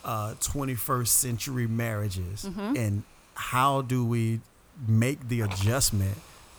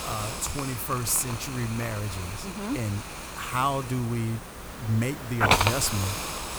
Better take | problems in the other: first | hiss; loud; throughout; 2 dB below the speech; faint in the first

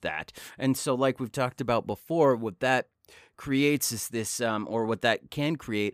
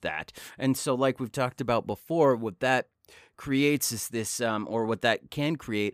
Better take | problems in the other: neither | none

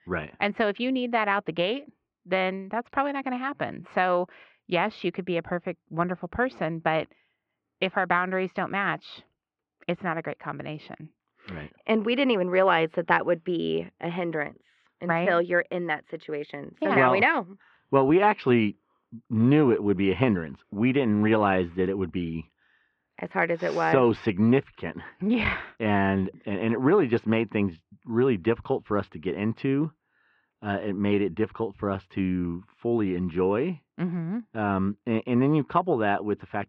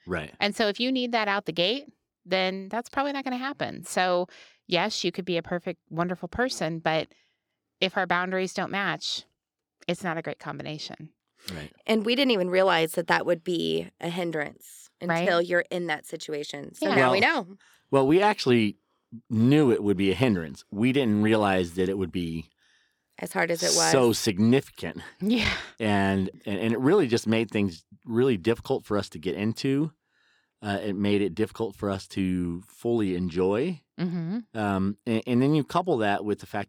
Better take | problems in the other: second | muffled; very; fading above 2.5 kHz

